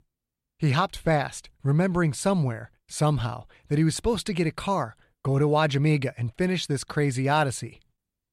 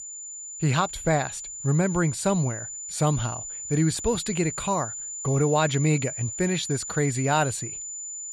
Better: first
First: none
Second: high-pitched whine; loud; throughout; 7 kHz, 7 dB below the speech

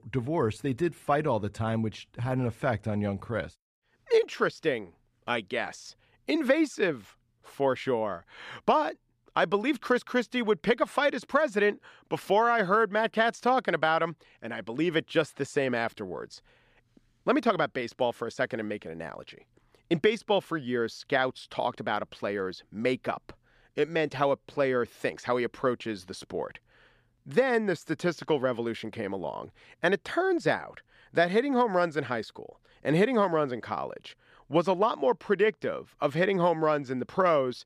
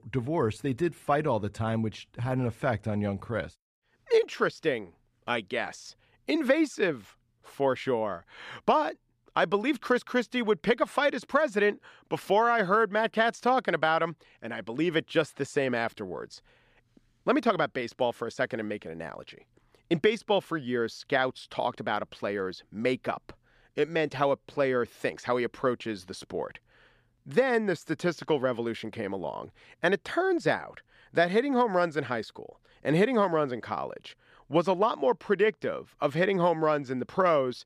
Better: neither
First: none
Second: none

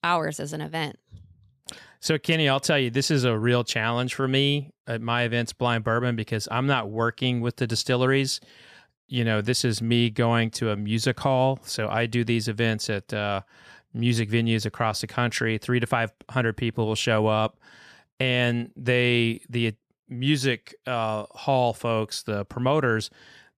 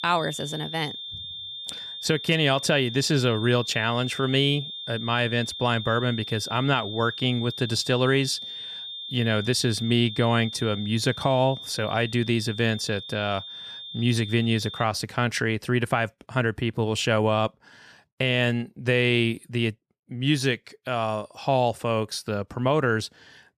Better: first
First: none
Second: high-pitched whine; loud; until 15 s; 3.5 kHz, 9 dB below the speech

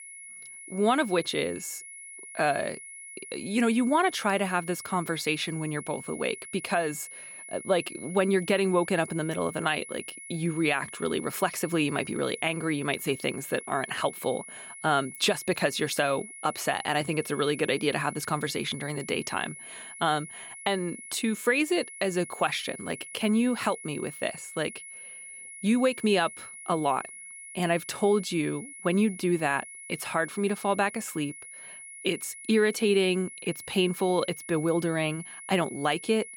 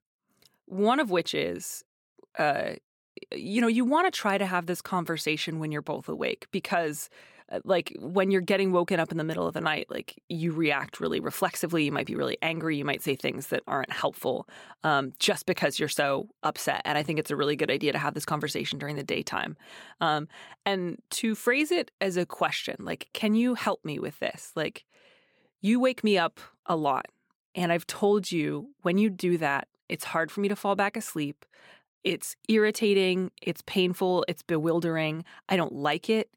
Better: second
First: high-pitched whine; noticeable; throughout; 10.5 kHz, 15 dB below the speech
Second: none

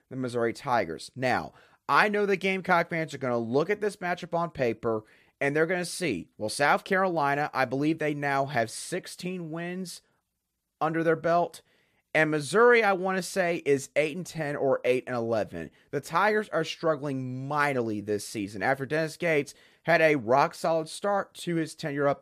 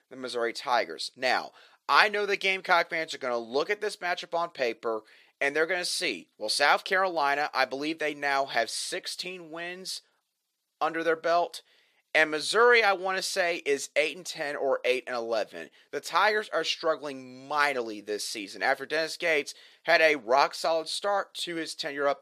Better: first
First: none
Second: thin; somewhat; fading below 450 Hz

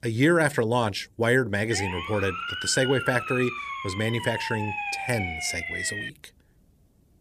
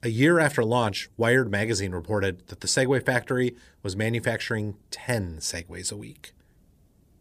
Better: second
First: siren; noticeable; from 1.5 to 6 s; peak 4 dB below the speech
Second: none

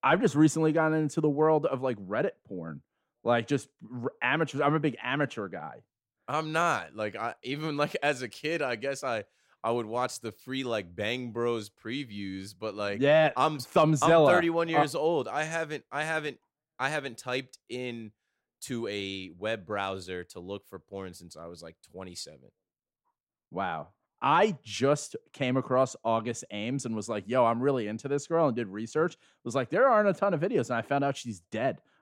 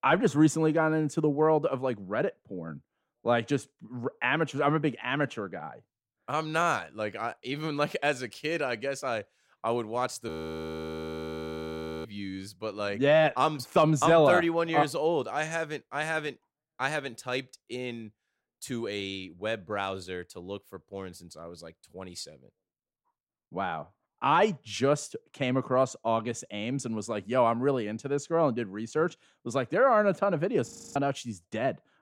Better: first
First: none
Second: audio freezing; at 10 s for 2 s and at 31 s

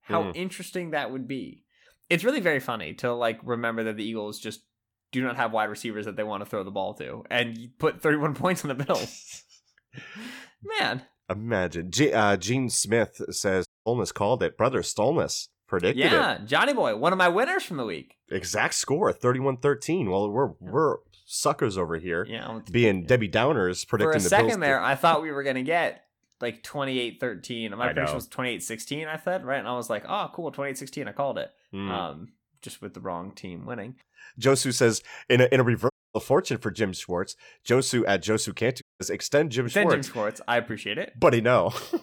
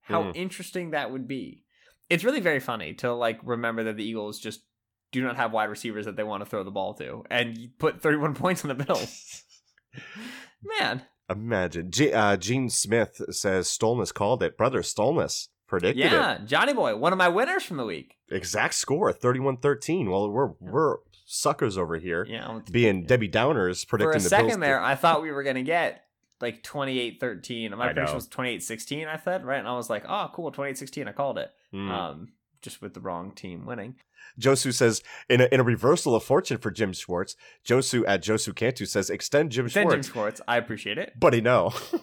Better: second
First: audio cutting out; at 14 s, at 36 s and at 39 s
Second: none

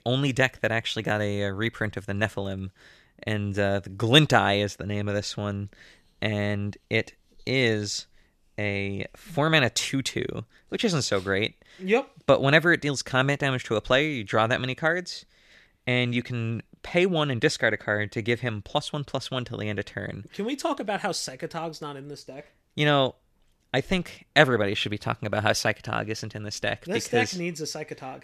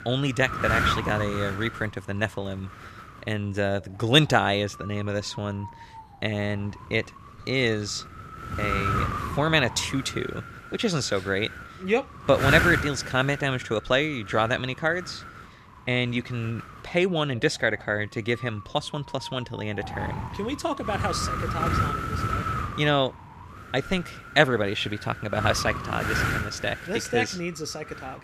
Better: first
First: none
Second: wind noise on the microphone; heavy; 4 dB below the speech

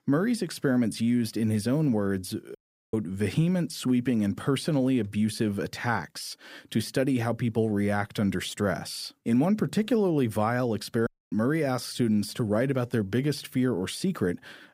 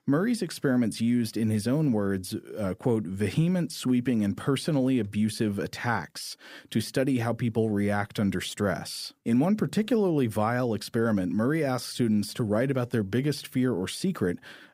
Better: second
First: audio cutting out; at 2.5 s and at 11 s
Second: none

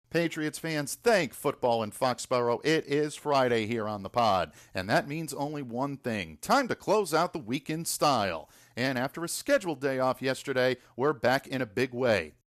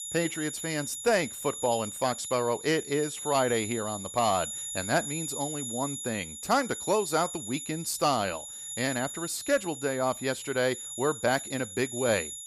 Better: first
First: none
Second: high-pitched whine; loud; throughout; 7 kHz, 7 dB below the speech

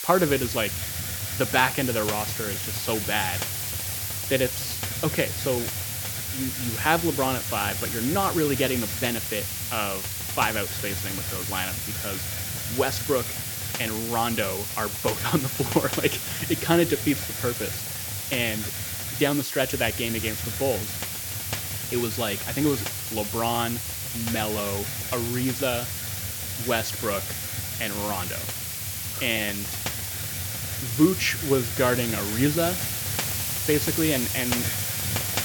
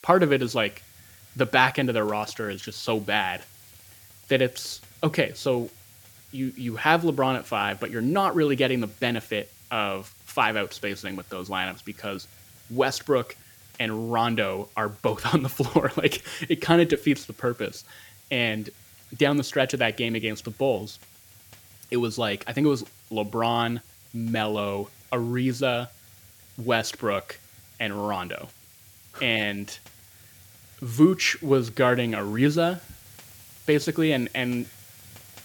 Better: second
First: hiss; loud; throughout; 1 dB below the speech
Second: hiss; faint; throughout; 25 dB below the speech

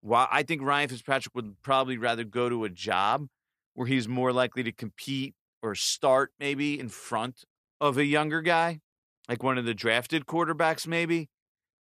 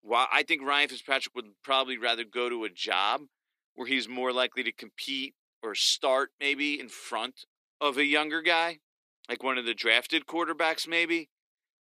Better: first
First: none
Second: thin; very slightly; fading below 300 Hz

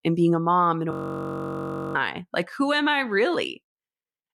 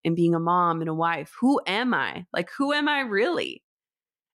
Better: second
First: audio freezing; at 1 s for 1 s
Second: none

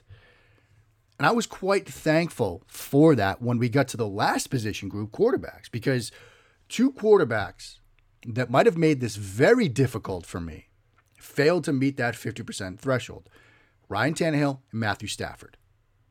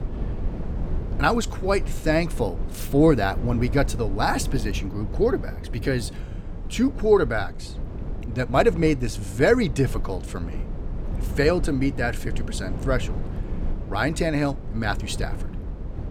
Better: first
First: none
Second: low rumble; noticeable; throughout; 15 dB below the speech

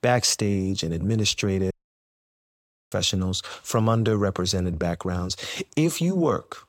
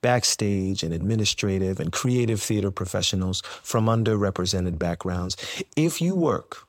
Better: second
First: audio cutting out; at 1.5 s for 1 s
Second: none

